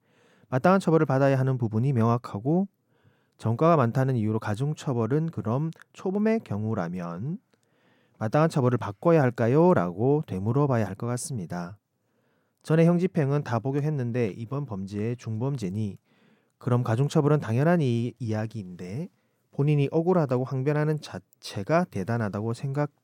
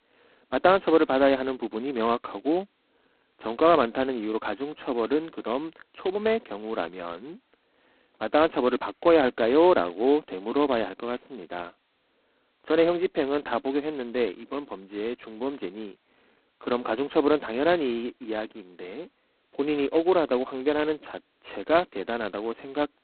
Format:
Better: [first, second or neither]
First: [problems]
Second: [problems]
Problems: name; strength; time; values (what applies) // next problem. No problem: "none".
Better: first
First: none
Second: phone-call audio; poor line; nothing above 4 kHz